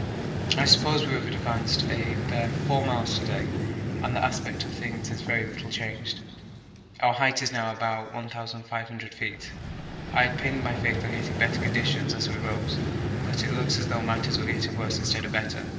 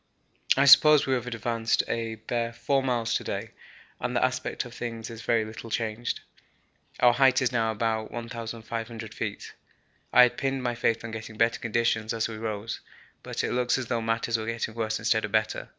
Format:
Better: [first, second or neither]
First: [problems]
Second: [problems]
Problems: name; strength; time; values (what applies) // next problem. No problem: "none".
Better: second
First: background sound (Vehicle); 1 dB below the speech // room echo; dies away in 2.4 s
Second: none